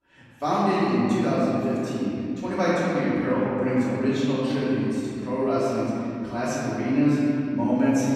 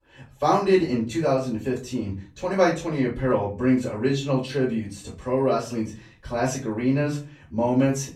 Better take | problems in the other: second | room echo; strong; dies away in 2.5 s; slight in the second // off-mic speech; far; far in the second

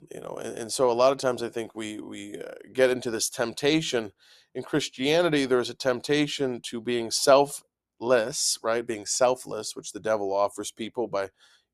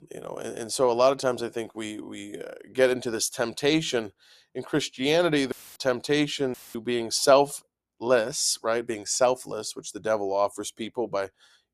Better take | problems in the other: first | audio cutting out; filled with static; at 5.5 s and at 6.5 s

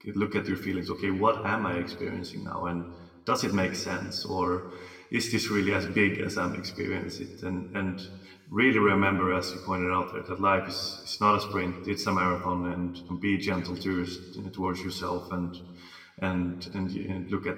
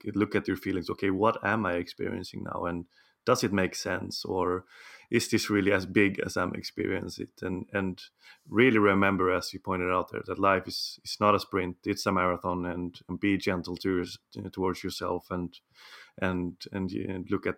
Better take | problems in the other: second | room echo; slight; dies away in 0.9 s // off-mic speech; somewhat distant

